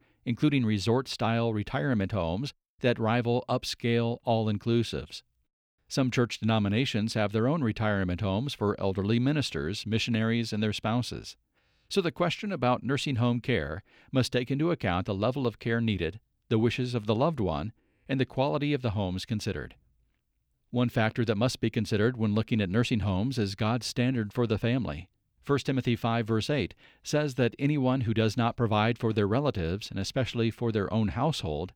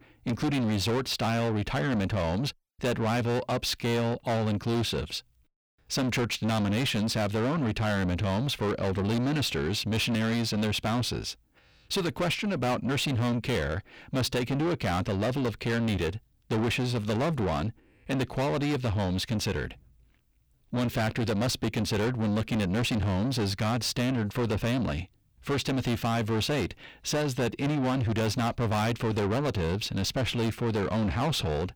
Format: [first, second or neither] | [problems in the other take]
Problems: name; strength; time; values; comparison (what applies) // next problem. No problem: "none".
first | distortion; heavy; 6 dB below the speech